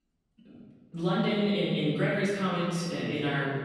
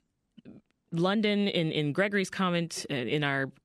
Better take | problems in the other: second | off-mic speech; far // room echo; strong; dies away in 1.5 s

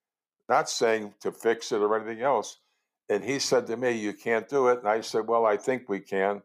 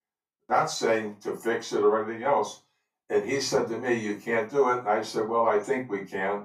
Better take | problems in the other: first | off-mic speech; far // room echo; very slight; dies away in 0.2 s

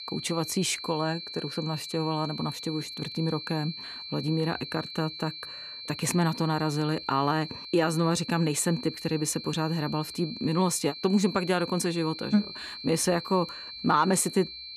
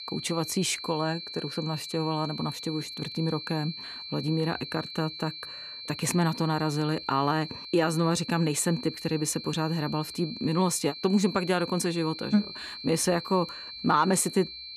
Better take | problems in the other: neither | high-pitched whine; loud; throughout; 4 kHz, 10 dB below the speech; the same in both

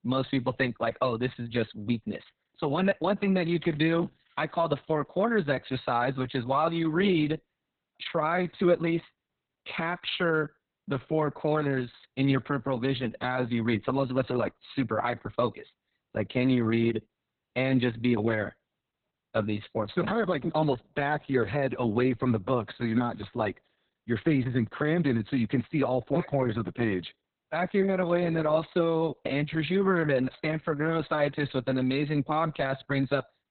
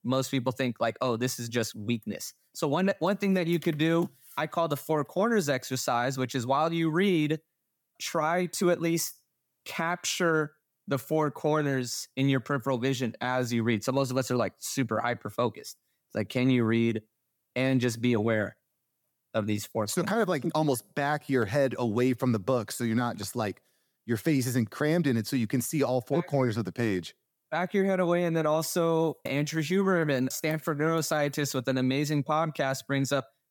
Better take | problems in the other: second | garbled, watery; badly; nothing above 4 kHz

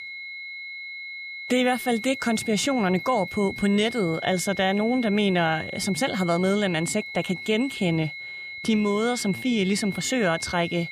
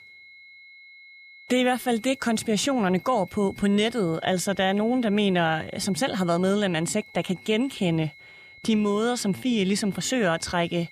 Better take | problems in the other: second | high-pitched whine; loud; throughout; 2 kHz, 10 dB below the speech; faint in the second

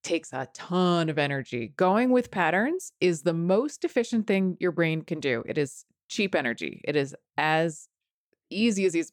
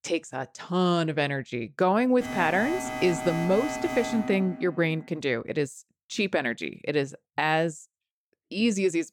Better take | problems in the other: first | alarm; noticeable; from 2 to 5 s; peak 5 dB below the speech

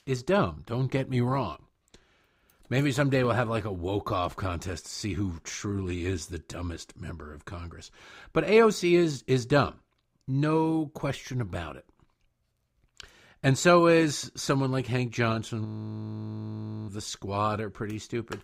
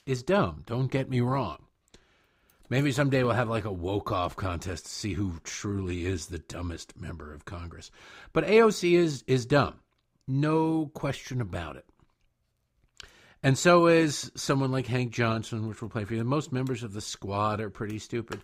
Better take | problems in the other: second | audio freezing; at 16 s for 1 s

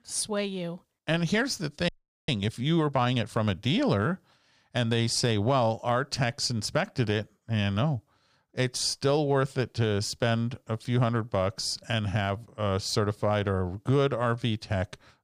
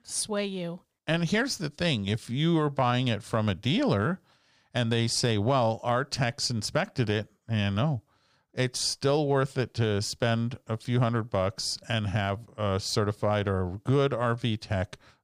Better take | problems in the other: second | audio freezing; at 2 s

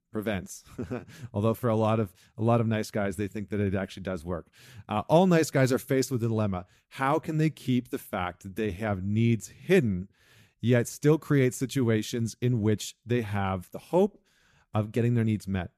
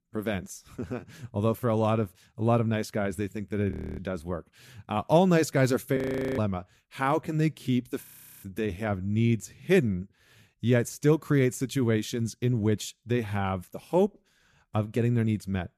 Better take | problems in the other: first | audio freezing; at 3.5 s, at 6 s and at 8 s

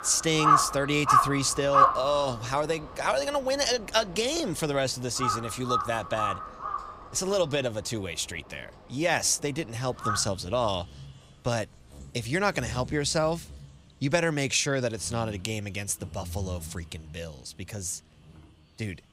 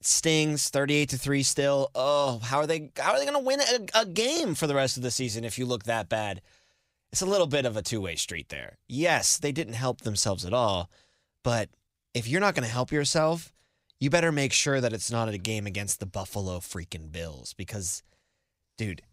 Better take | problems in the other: second | animal sounds; very loud; throughout; 1 dB above the speech

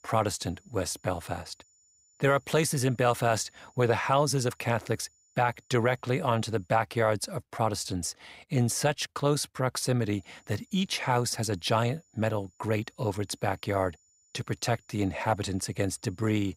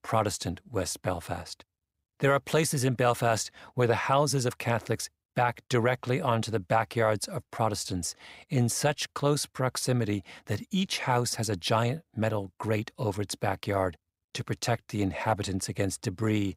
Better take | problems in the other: second | high-pitched whine; faint; until 6.5 s and from 10 s on; 7 kHz, 35 dB below the speech

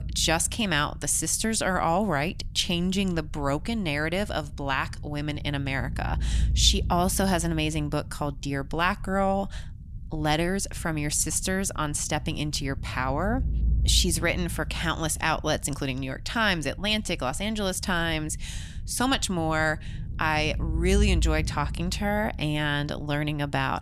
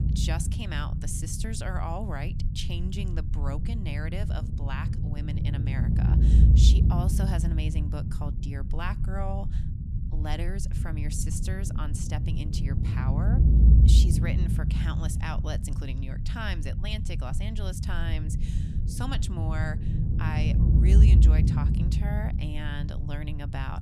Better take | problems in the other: first | low rumble; loud; throughout; 2 dB below the speech; faint in the first

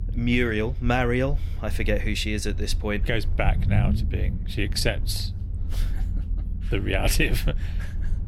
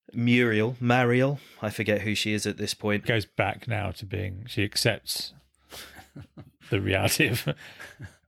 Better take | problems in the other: second | low rumble; noticeable; throughout; 15 dB below the speech

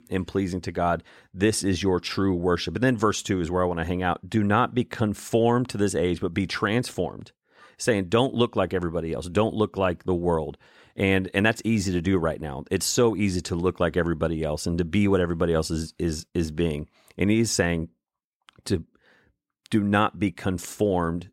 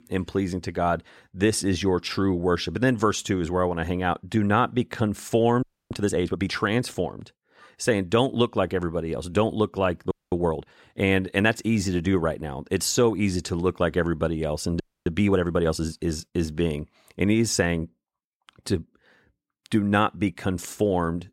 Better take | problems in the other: first | audio freezing; at 5.5 s, at 10 s and at 15 s

